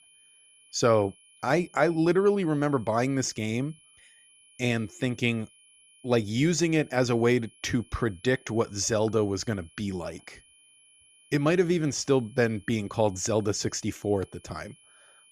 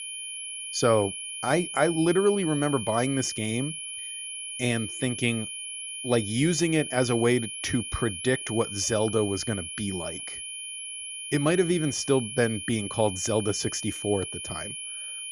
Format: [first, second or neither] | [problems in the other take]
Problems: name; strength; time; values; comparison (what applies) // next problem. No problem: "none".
first | high-pitched whine; loud; throughout; 3 kHz, 7 dB below the speech; faint in the first